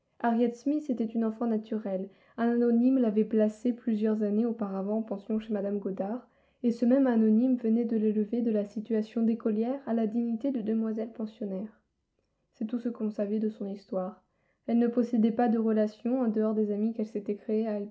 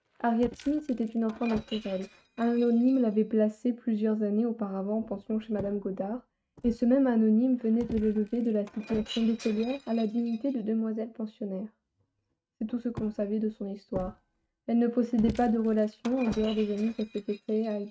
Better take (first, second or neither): first